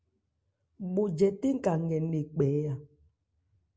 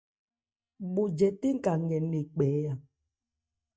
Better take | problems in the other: first | noise reduction (neural mask model DeepFilterNet 3)

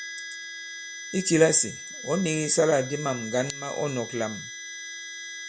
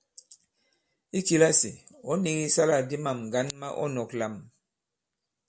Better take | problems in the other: second | background sound (Harmonica); 11 dB below the speech

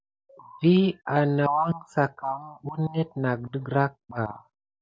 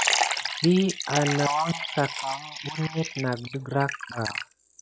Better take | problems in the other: first | background sound (Liquid); 4 dB below the speech

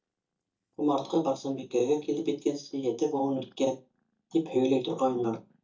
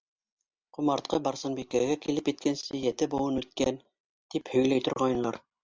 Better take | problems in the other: second | noise reduction (neural mask model DeepFilterNet 3)

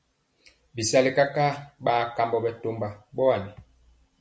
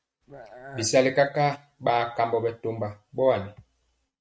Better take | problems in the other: first | noise reduction (neural mask model RNNoise)

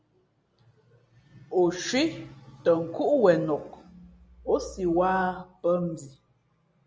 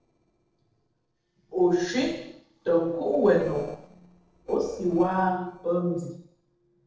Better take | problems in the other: first | noise reduction (neural separator model SepFormer DNS4)

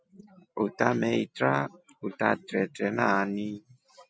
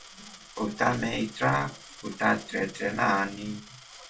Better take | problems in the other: first | background sound (Coin (dropping)); 19 dB below the speech // room echo; dies away in 0.2 s

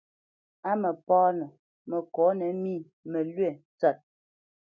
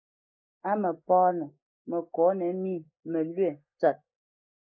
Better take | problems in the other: first | noise reduction (neural mask model Resemble Enhance denoiser)

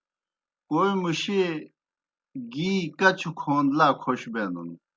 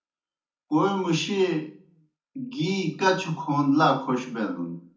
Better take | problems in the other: first | room echo; dies away in 0.4 s

